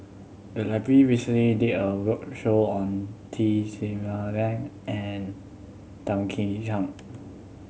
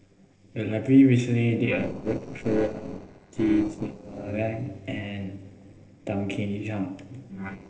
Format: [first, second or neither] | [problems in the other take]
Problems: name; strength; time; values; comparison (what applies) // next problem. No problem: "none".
first | noise reduction (neural separator model SepFormer DNS4)